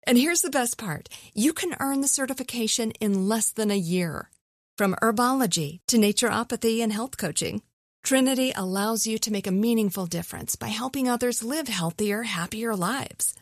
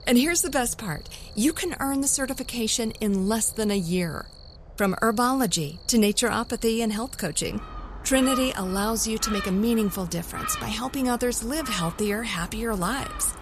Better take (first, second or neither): first